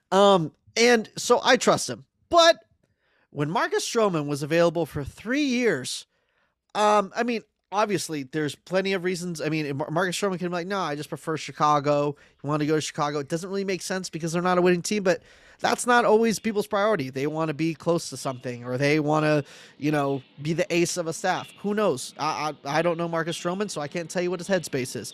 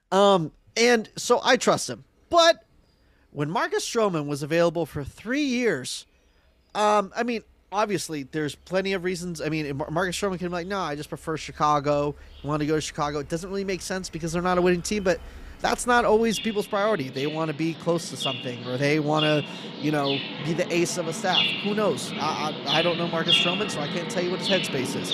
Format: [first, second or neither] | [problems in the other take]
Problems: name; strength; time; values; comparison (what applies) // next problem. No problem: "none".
first | animal sounds; loud; throughout; 3 dB below the speech; faint in the first